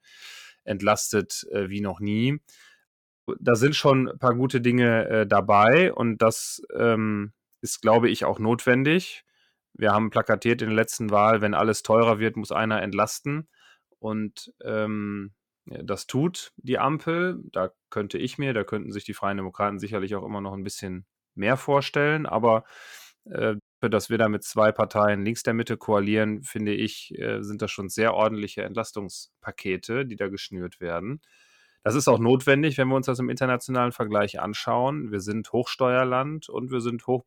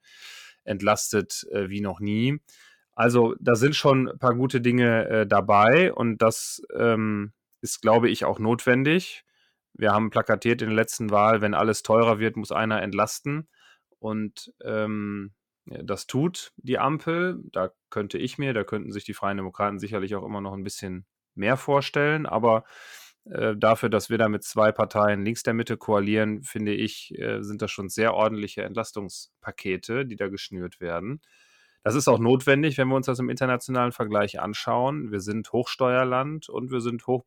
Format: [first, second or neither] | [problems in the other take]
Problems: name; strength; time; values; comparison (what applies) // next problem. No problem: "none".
second | audio cutting out; at 3 s and at 24 s